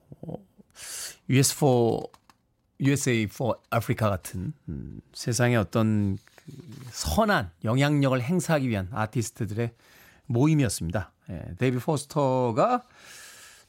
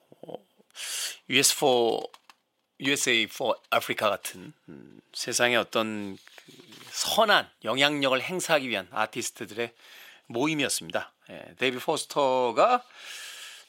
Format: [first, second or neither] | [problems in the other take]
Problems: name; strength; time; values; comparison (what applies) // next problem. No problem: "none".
first | thin; somewhat; fading below 400 Hz